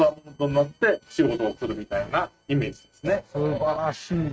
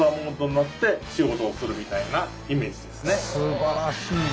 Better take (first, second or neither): second